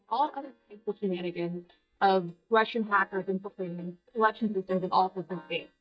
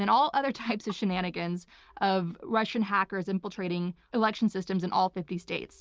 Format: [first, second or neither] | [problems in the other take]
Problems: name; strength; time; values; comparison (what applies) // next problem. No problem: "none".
second | noise reduction (neural mask model DeepFilterNet 3)